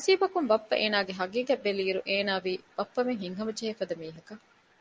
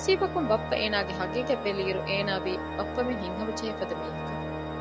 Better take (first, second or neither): first